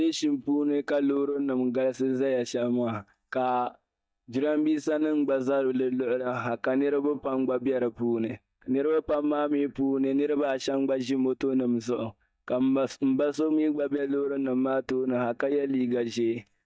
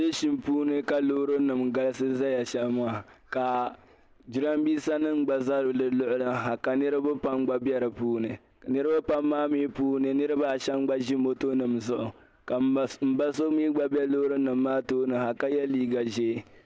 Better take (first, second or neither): second